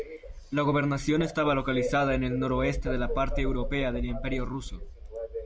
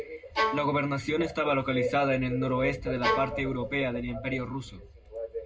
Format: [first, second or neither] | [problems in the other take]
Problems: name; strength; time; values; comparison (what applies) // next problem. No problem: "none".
first | background sound (Bowed string instrument); 2 dB below the speech // room echo; dies away in 0.2 s